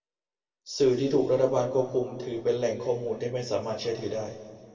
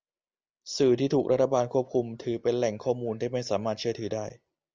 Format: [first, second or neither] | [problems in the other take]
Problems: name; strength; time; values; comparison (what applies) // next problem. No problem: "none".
second | room echo; dies away in 1.9 s